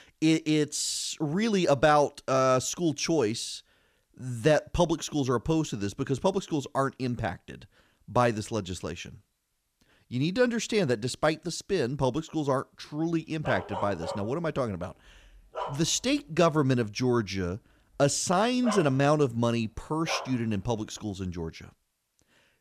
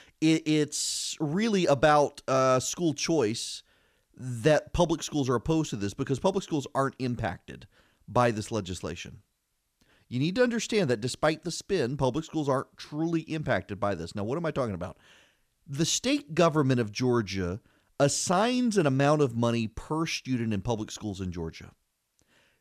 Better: second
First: dog barking; noticeable; from 13 to 20 s; peak 7 dB below the speech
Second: none

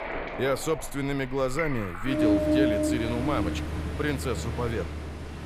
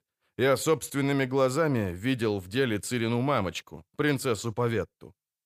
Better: second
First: rain or running water; very loud; throughout; 1 dB above the speech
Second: none

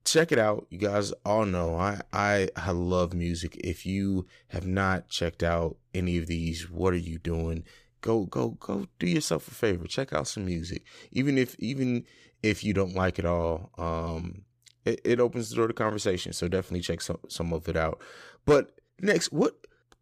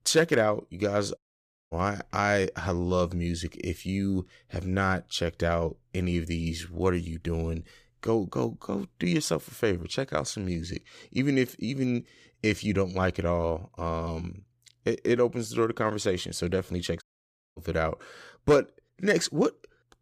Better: first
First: none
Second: audio cutting out; at 1 s for 0.5 s and at 17 s for 0.5 s

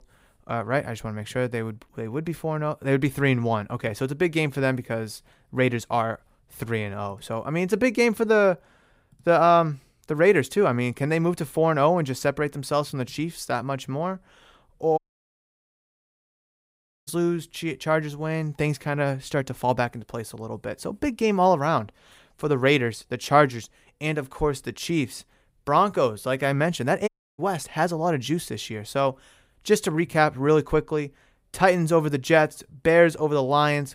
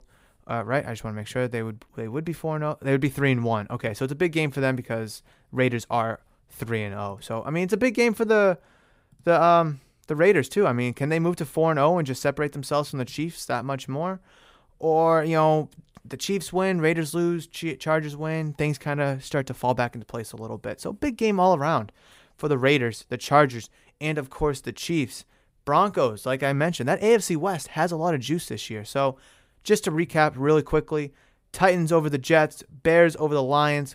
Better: second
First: audio cutting out; at 15 s for 2 s and at 27 s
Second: none

